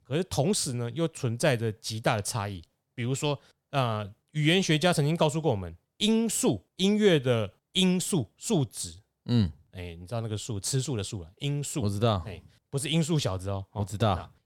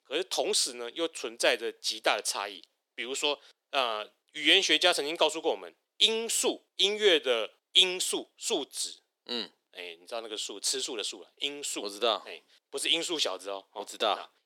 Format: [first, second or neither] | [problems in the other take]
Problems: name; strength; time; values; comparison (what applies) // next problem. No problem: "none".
first | thin; very; fading below 350 Hz